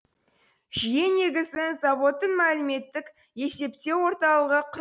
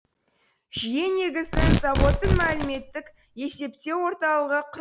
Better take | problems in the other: first | background sound (Tearing); 2 dB above the speech

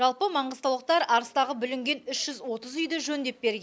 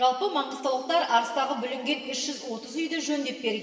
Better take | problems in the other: first | room echo; dies away in 1.9 s

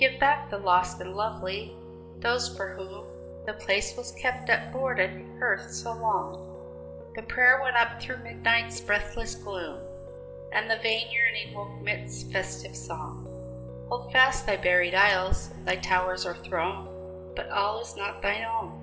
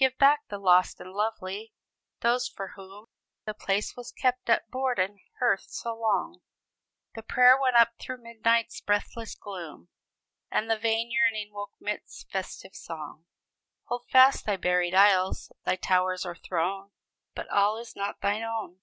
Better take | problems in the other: second | background sound (Piano); 12 dB below the speech // room echo; dies away in 2.8 s

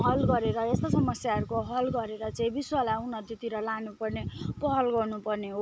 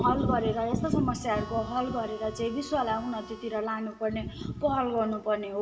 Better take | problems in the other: first | background sound (Harmonica); 17 dB below the speech // room echo; dies away in 0.7 s

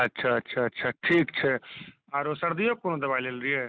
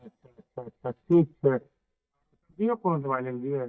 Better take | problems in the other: first | noise reduction (neural mask model DeepFilterNet 3)

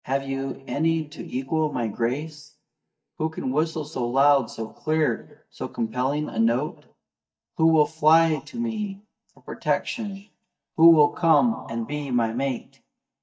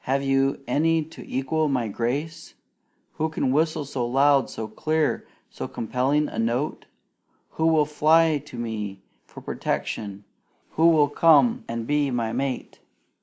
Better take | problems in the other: second | noise reduction (neural mask model DeepFilterNet 3)

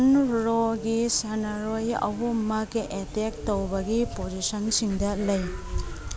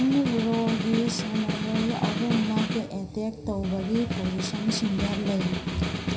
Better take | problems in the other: first | background sound (Snare drum); 4 dB below the speech // room echo; dies away in 0.4 s

